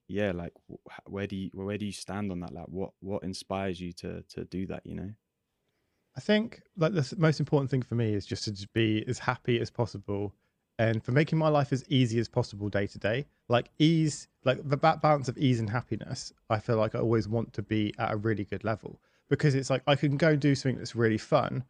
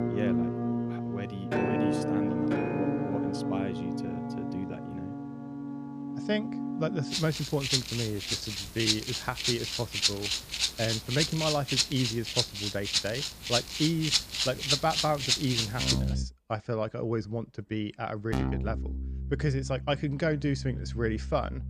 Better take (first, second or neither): first